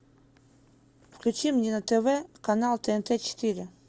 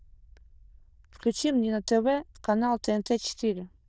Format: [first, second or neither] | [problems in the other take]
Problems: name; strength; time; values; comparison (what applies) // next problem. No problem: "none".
first | noise reduction (neural diffusion model UNIVERSE++)